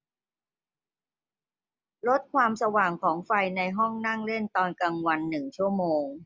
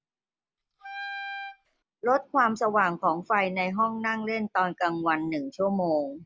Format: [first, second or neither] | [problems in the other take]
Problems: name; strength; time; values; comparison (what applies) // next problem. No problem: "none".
first | background sound (Wind instrument, woodwind instrument); 11 dB below the speech